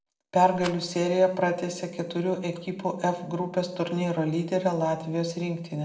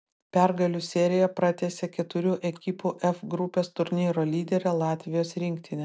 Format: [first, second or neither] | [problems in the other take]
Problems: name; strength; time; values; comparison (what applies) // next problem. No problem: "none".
second | background sound (Rattle); 15 dB below the speech // room echo; dies away in 0.8 s